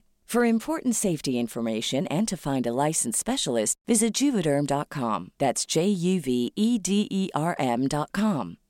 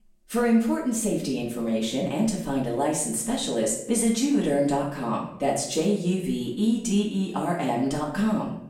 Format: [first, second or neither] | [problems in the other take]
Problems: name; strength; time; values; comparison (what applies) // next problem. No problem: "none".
first | room echo; noticeable; dies away in 0.6 s // off-mic speech; far